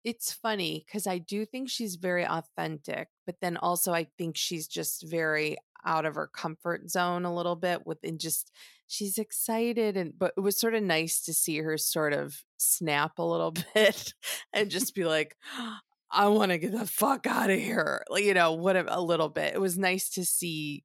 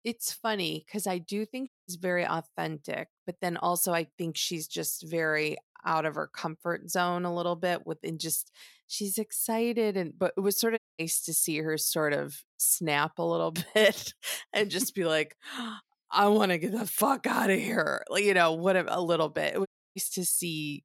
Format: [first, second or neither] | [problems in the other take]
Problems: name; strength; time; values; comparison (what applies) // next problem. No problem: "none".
first | audio cutting out; at 1.5 s, at 11 s and at 20 s